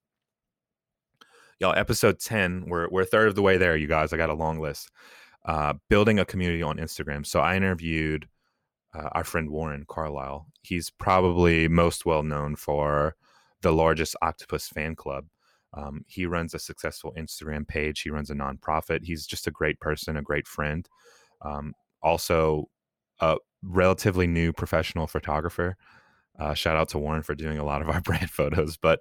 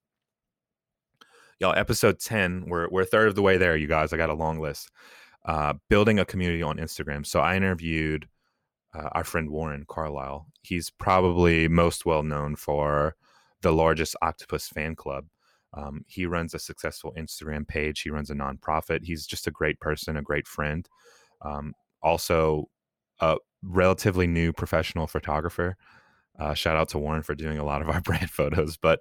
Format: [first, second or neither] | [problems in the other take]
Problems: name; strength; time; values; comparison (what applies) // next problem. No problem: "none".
neither | none